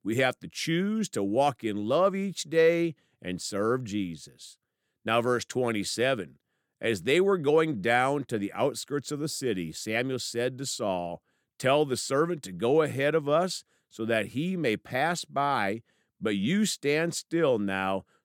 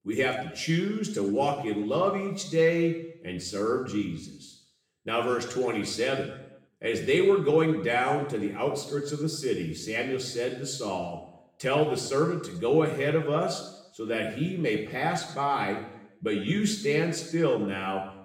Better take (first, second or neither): first